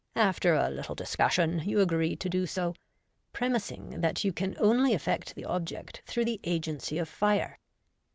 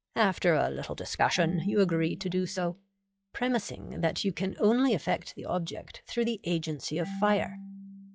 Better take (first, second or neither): first